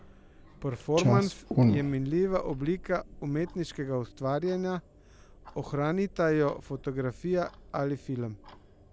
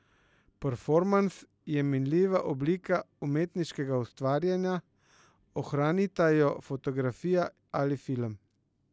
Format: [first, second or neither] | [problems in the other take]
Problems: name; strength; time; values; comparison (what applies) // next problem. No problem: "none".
second | background sound (Clock); 4 dB below the speech